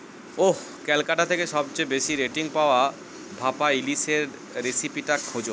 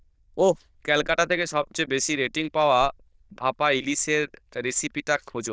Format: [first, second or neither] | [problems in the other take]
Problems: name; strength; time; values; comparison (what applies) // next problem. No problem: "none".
first | noise reduction (neural diffusion model UNIVERSE++)